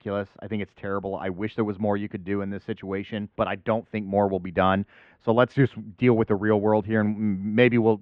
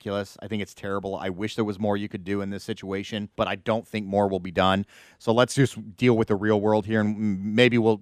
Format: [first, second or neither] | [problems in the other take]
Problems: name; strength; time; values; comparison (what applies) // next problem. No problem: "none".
second | muffled; very; fading above 2.5 kHz